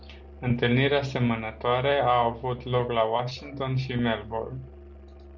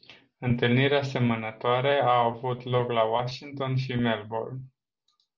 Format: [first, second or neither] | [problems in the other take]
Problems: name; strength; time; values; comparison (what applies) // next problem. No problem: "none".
second | background sound (Musical instrument); 19 dB below the speech